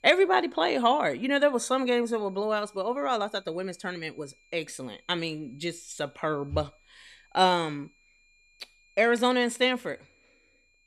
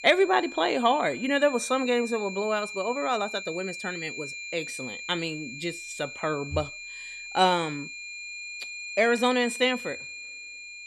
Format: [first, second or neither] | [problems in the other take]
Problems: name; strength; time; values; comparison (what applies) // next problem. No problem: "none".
first | high-pitched whine; loud; throughout; 2.5 kHz, 10 dB below the speech; faint in the first